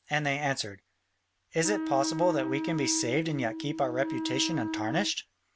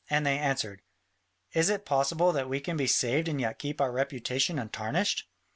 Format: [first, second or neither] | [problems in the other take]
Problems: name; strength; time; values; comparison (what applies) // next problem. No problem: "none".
second | background sound (Wind instrument, woodwind instrument); 4 dB below the speech